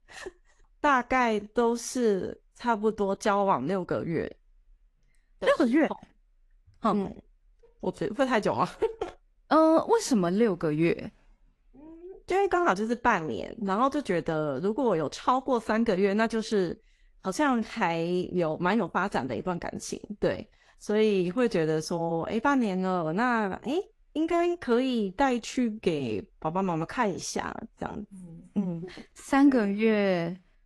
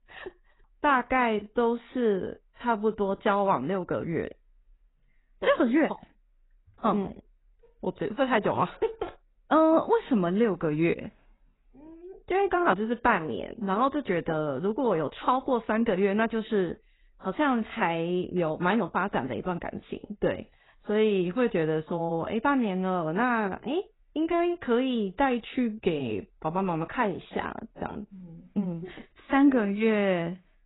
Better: first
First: garbled, watery; slightly; nothing above 11.5 kHz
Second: garbled, watery; badly; nothing above 4 kHz

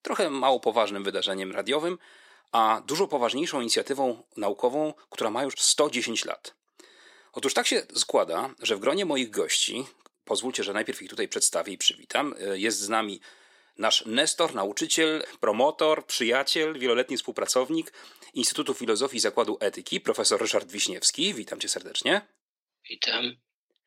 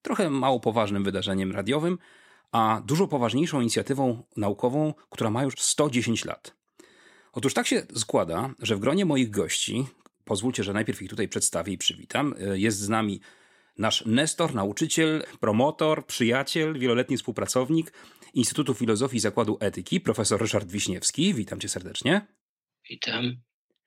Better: second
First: thin; somewhat; fading below 450 Hz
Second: none

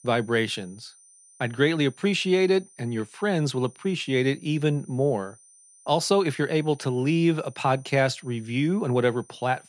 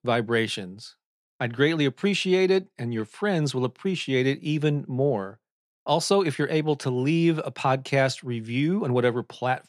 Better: second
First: high-pitched whine; faint; throughout; 9 kHz, 25 dB below the speech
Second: none

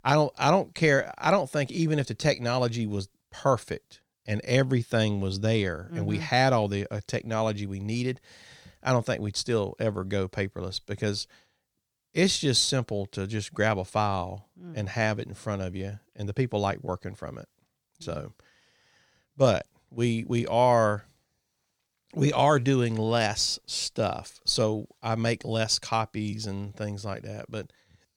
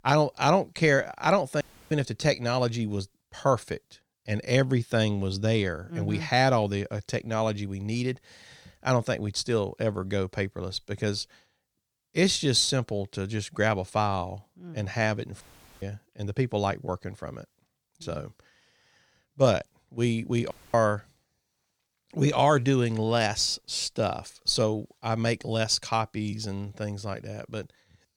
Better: first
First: none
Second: audio cutting out; at 1.5 s, at 15 s and at 21 s

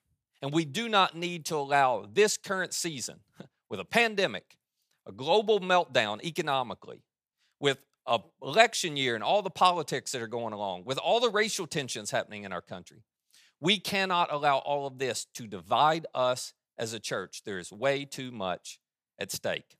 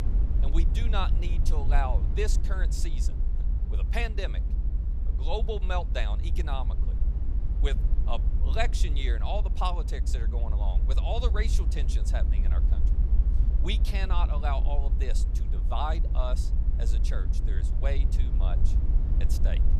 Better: first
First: none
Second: low rumble; noticeable; throughout; 10 dB below the speech

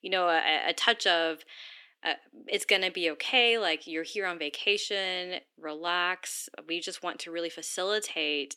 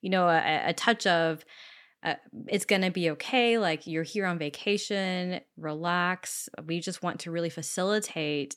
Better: second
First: thin; somewhat; fading below 300 Hz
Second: none

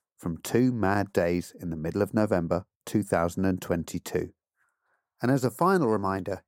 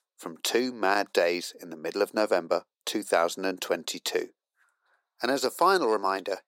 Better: first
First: none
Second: thin; somewhat; fading below 350 Hz

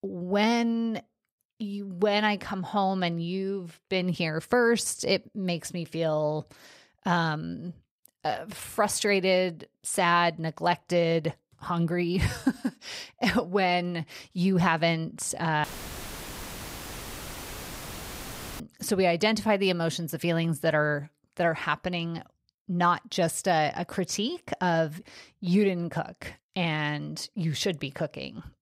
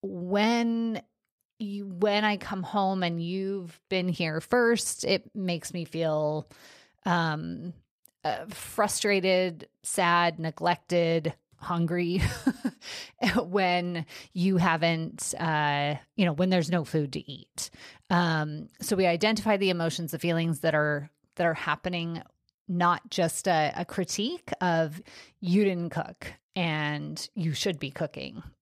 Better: second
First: audio cutting out; filled with static; at 16 s for 3 s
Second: none

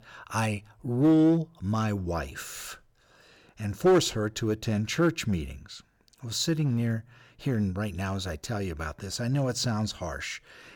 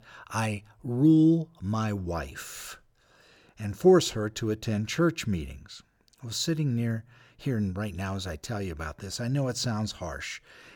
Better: second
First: distortion; slight; 3% of the sound clipped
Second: none

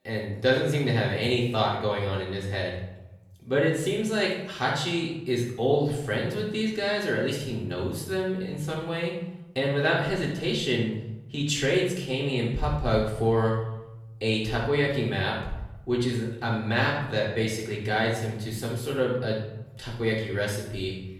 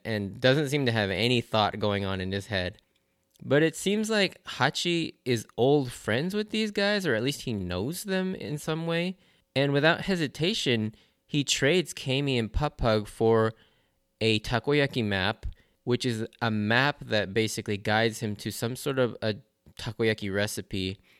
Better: second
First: off-mic speech; far // room echo; noticeable; dies away in 0.8 s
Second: none

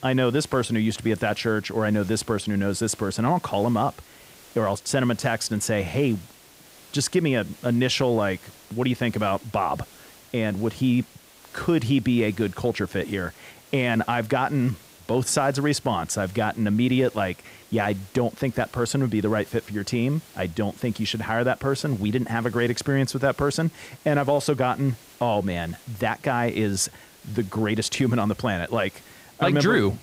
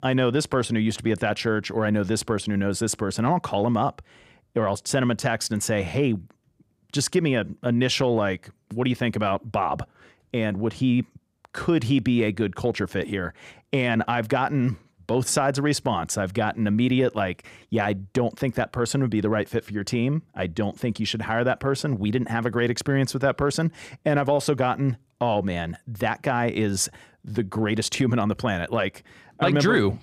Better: second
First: hiss; faint; throughout; 25 dB below the speech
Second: none

